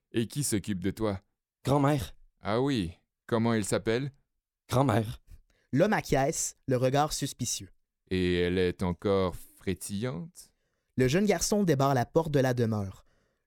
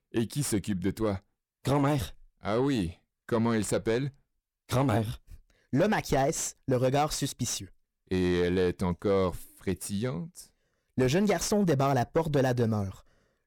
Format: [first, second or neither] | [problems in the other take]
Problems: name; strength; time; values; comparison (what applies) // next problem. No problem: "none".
first | distortion; slight; 10 dB below the speech